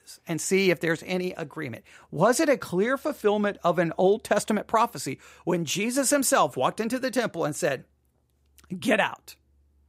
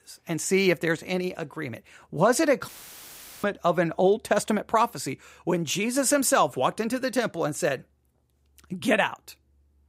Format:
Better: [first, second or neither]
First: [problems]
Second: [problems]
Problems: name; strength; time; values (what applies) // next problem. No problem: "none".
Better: first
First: none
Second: audio cutting out; filled with static; at 2.5 s for 1 s